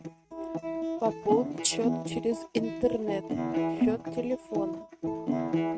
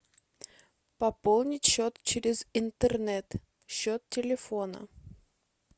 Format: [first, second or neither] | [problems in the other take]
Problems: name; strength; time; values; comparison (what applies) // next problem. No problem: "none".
second | noise reduction (neural mask model RNNoise)